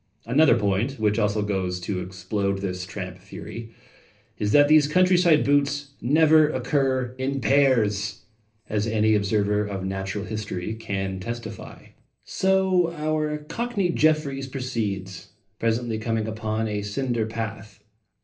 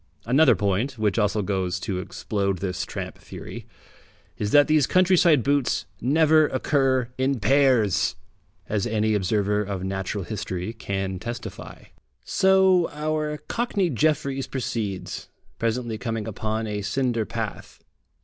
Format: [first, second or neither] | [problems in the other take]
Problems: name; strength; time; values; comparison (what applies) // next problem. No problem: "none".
second | room echo; dies away in 0.3 s